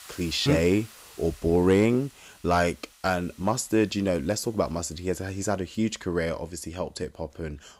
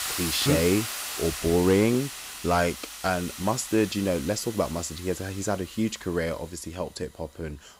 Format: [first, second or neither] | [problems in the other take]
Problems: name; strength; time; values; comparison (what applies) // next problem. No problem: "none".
first | hiss; loud; throughout; 7 dB below the speech; faint in the first